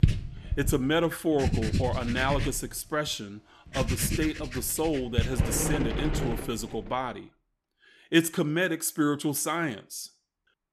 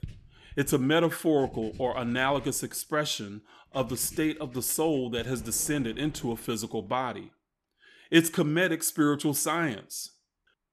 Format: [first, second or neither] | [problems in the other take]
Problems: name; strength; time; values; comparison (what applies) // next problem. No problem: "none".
second | household noises; loud; until 6.5 s; 3 dB below the speech; faint in the second